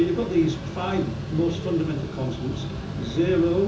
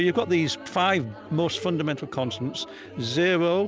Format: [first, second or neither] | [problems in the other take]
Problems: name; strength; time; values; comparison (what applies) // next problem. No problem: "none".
second | background sound (Mechanical fan); 7 dB below the speech // room echo; dies away in 0.6 s